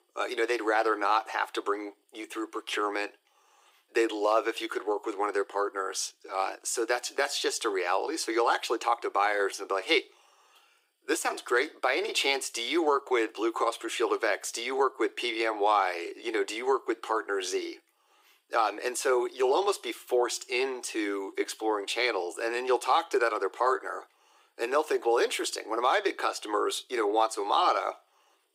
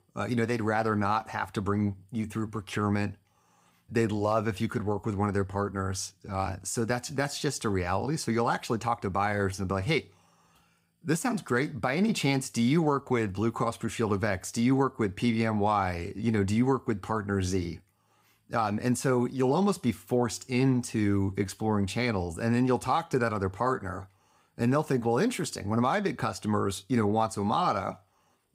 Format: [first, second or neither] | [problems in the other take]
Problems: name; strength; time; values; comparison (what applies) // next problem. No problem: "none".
second | thin; very; fading below 350 Hz